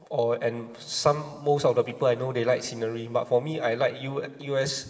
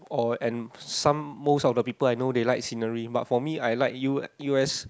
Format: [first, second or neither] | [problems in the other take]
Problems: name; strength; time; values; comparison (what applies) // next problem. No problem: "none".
second | room echo; dies away in 2.7 s